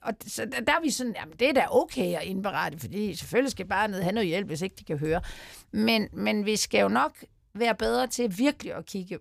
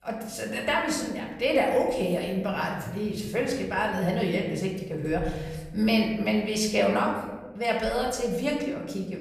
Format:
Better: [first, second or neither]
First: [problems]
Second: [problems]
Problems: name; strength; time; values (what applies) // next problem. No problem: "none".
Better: first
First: none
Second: off-mic speech; far // room echo; noticeable; dies away in 1.3 s